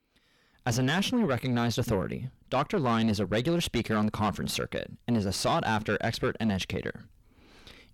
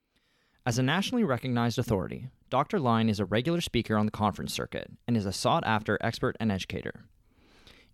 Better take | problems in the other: second | distortion; heavy; 7 dB below the speech

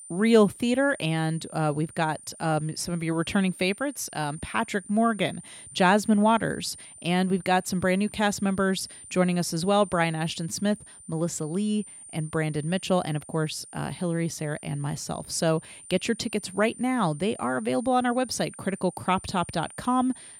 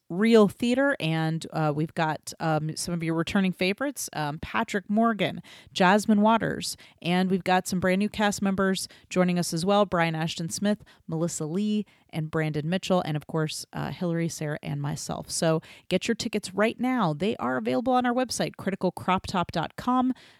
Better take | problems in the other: second | high-pitched whine; noticeable; throughout; 9 kHz, 15 dB below the speech

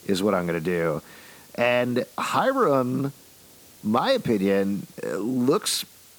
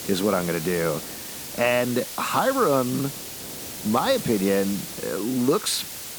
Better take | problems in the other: first | hiss; loud; throughout; 8 dB below the speech; faint in the first

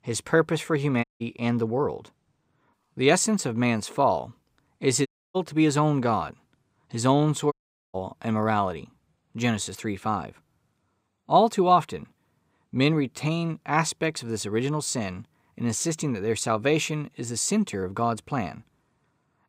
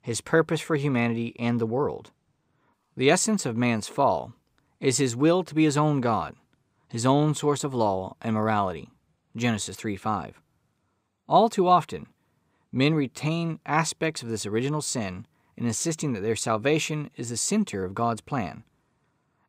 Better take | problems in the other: second | audio cutting out; at 1 s, at 5 s and at 7.5 s

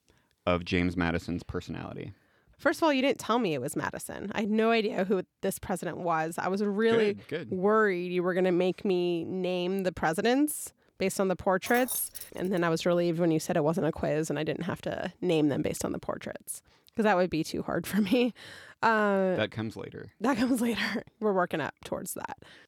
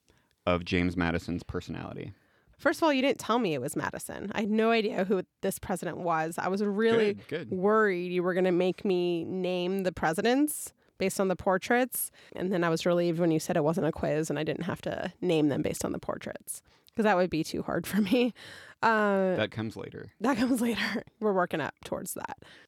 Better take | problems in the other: second | jangling keys; noticeable; at 12 s; peak 7 dB below the speech

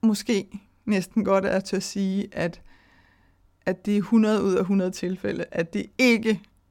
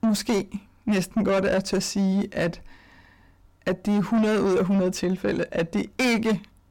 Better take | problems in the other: first | distortion; heavy; 7 dB below the speech

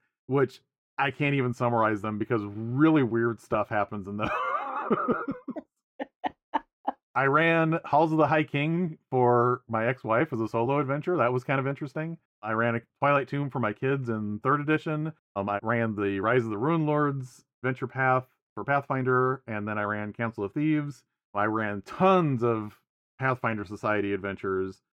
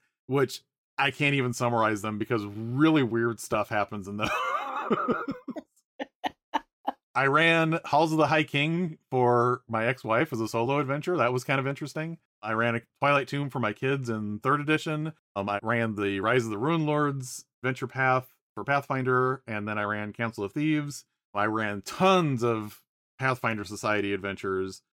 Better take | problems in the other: second | muffled; slightly; fading above 3 kHz

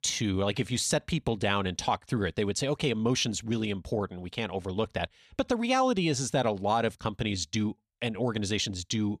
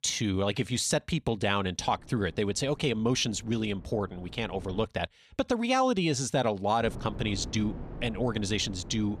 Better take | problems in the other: first | wind noise on the microphone; occasional gusts; from 2 to 5 s and from 7 s on; 20 dB below the speech

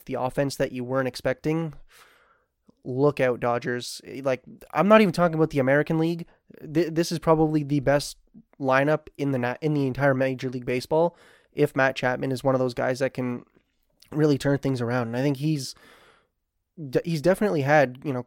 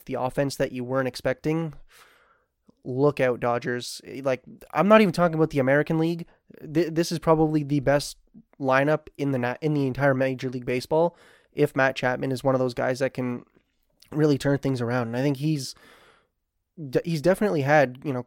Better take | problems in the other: neither | none

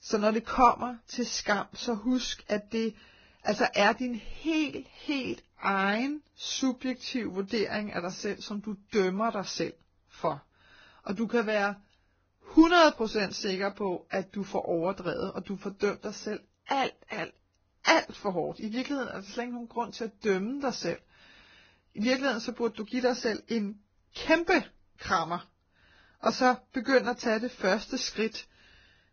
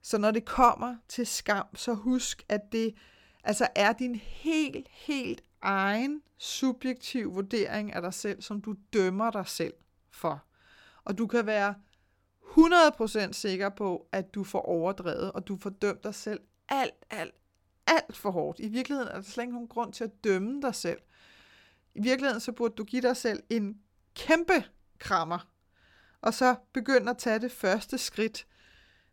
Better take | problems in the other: second | garbled, watery; badly; nothing above 6.5 kHz

